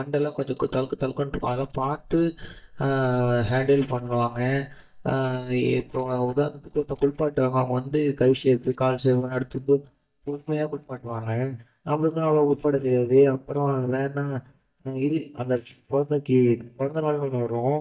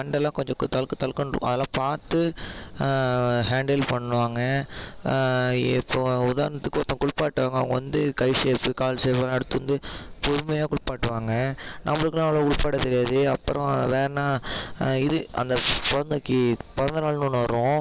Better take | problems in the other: second | noise reduction (neural mask model DeepFilterNet 3)

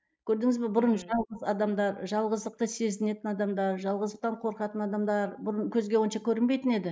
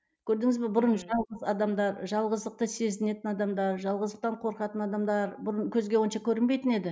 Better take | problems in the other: second | noise reduction (neural mask model Resemble Enhance denoiser)

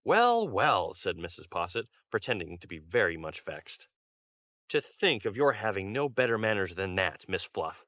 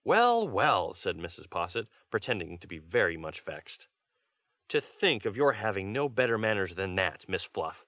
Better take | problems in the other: second | noise reduction (neural mask model Resemble Enhance denoiser)

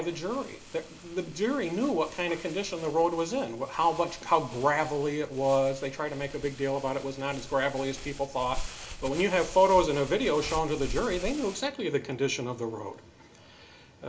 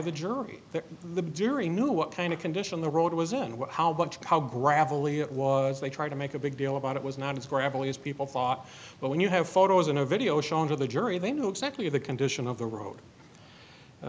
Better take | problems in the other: second | background sound (Crumpling, crinkling); 13 dB below the speech // room echo; dies away in 0.2 s

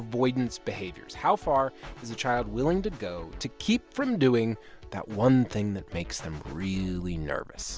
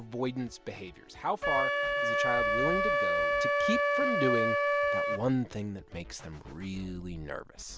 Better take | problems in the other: first | background sound (Wind instrument, woodwind instrument); 4 dB above the speech

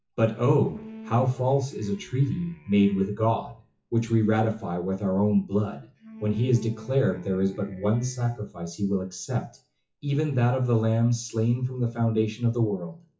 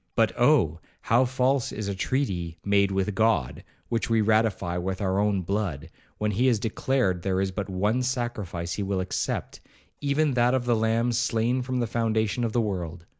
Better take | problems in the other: second | noise reduction (classical method WPE with log-MMSE)

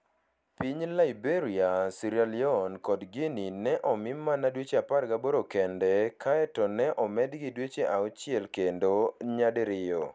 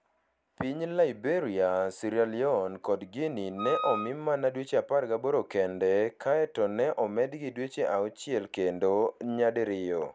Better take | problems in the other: first | background sound (Wind instrument, woodwind instrument); 6 dB below the speech

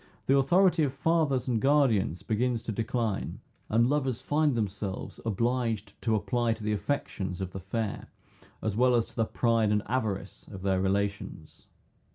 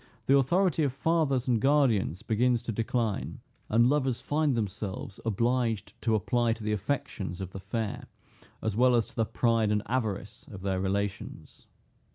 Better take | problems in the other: second | room echo; dies away in 0.2 s

